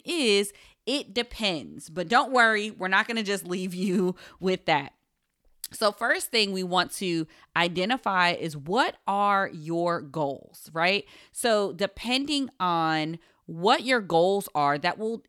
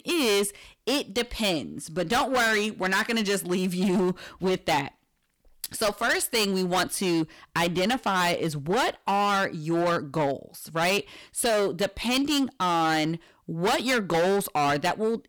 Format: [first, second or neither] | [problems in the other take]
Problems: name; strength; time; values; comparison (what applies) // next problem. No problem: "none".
first | distortion; heavy; 17% of the sound clipped